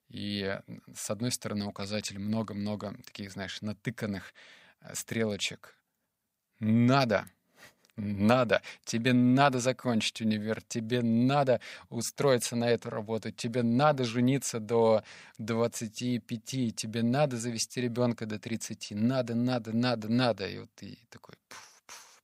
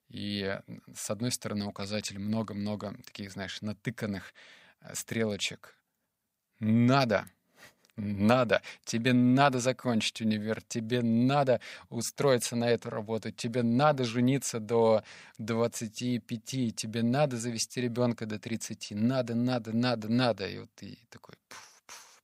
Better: neither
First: none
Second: none

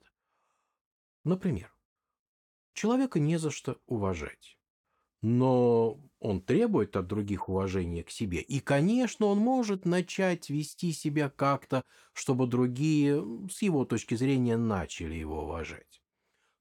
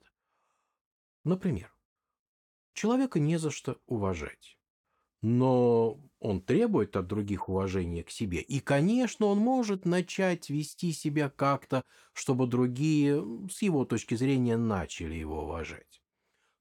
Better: neither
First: none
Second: none

